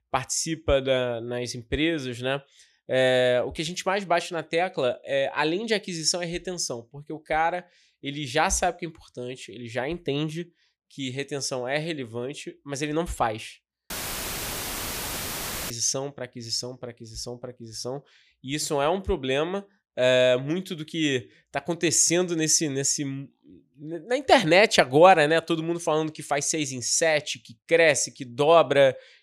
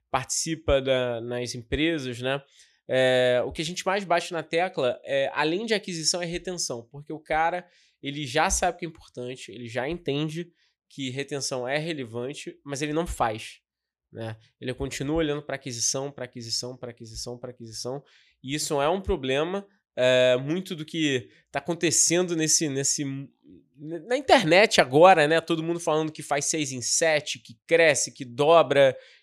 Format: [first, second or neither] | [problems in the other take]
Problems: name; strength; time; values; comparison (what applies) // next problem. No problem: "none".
second | audio cutting out; filled with static; at 14 s for 2 s